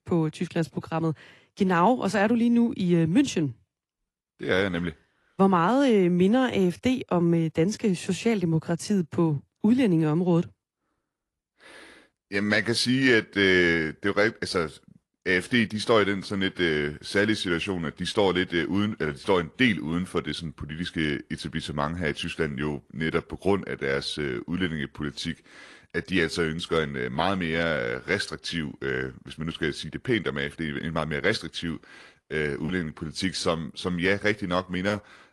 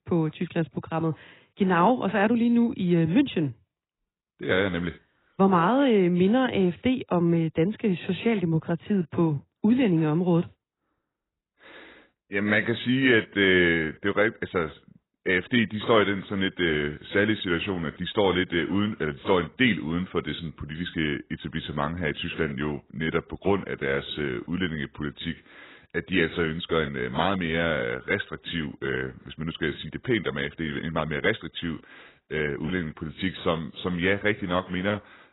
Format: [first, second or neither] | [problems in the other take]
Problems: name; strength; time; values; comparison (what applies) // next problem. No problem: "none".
first | garbled, watery; badly; nothing above 4 kHz; slightly in the first